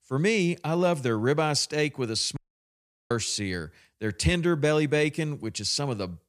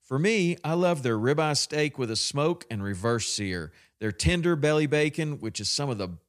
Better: second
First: audio cutting out; at 2.5 s for 0.5 s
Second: none

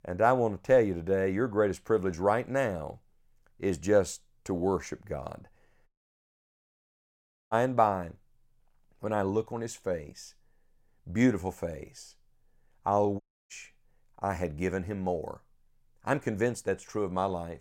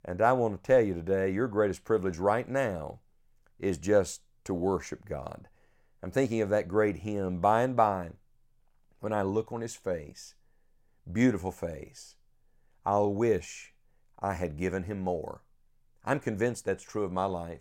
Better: second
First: audio cutting out; at 6 s for 1.5 s and at 13 s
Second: none

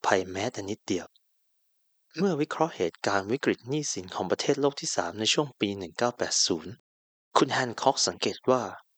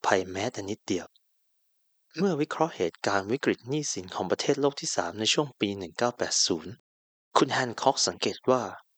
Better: neither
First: thin; somewhat; fading below 400 Hz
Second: thin; somewhat; fading below 400 Hz

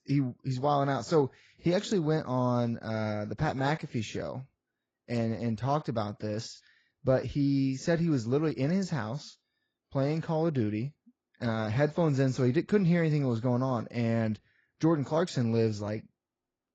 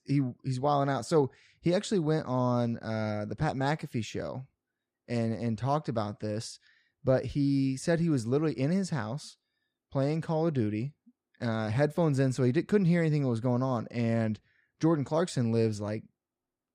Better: second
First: garbled, watery; badly; nothing above 7.5 kHz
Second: none

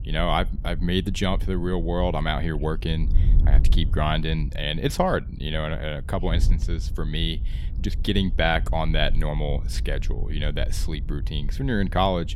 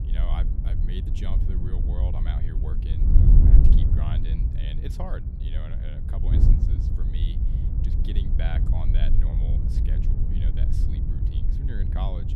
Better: first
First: wind noise on the microphone; occasional gusts; 20 dB below the speech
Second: wind noise on the microphone; heavy; 2 dB above the speech

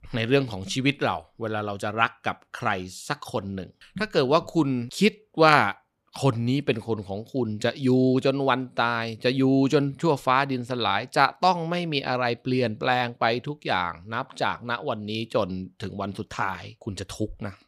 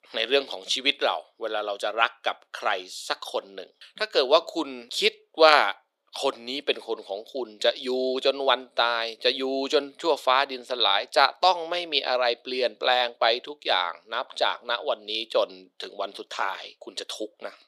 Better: first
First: none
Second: thin; very; fading below 350 Hz

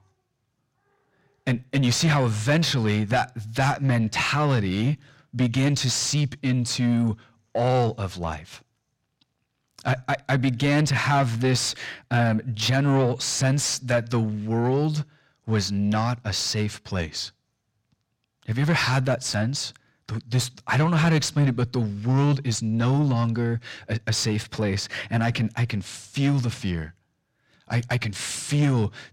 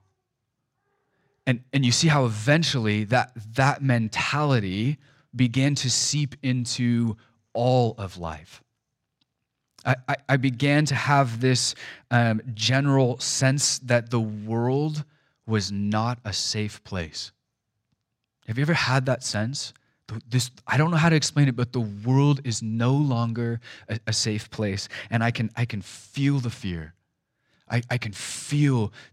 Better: second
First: distortion; slight; 9 dB below the speech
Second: none

